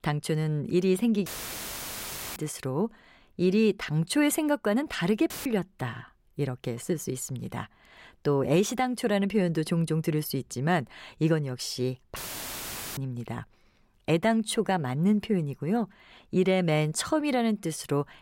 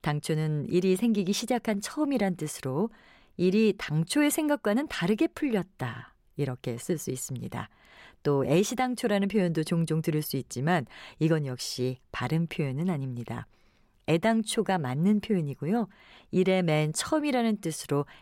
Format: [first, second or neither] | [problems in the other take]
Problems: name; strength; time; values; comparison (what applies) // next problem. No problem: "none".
second | audio cutting out; filled with static; at 1.5 s for 1 s, at 5.5 s and at 12 s for 1 s